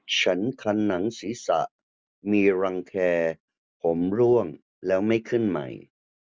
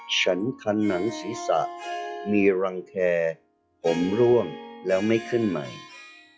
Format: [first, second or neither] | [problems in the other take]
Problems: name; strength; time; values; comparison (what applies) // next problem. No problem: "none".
first | noise reduction (classical method log-MMSE)